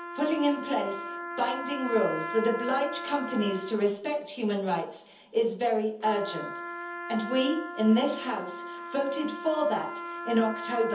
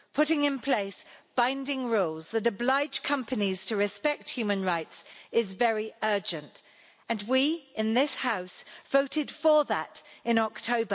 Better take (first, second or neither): second